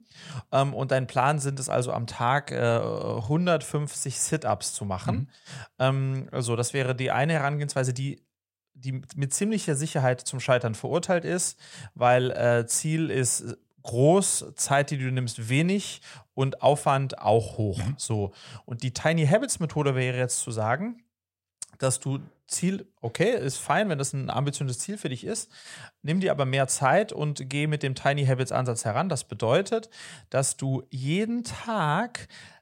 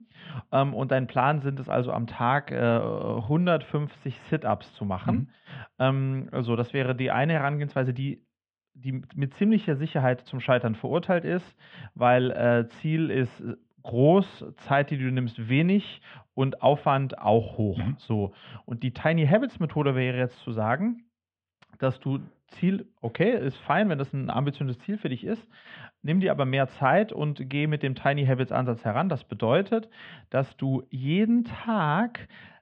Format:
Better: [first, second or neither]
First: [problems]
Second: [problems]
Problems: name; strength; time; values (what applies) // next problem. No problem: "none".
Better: first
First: none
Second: muffled; very; fading above 3 kHz